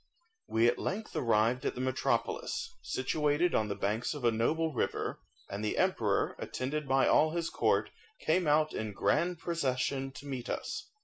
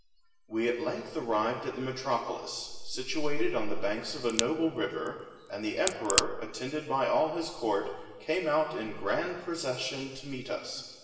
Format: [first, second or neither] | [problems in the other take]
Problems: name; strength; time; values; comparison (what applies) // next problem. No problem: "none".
first | background sound (Crack); 4 dB below the speech // room echo; dies away in 1.3 s